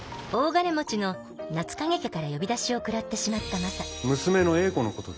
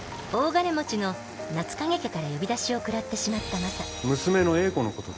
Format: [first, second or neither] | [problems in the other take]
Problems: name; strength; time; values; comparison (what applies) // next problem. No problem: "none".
first | background sound (Engine starting); 16 dB below the speech